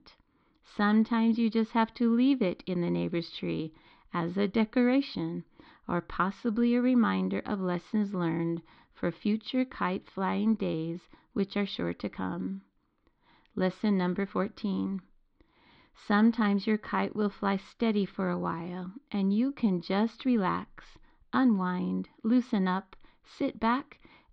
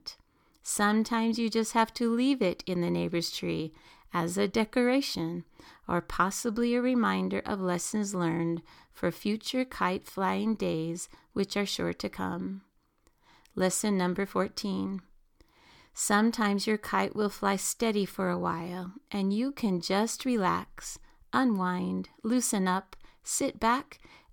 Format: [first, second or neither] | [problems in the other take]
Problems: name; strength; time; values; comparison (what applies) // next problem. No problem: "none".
second | muffled; slightly; fading above 4 kHz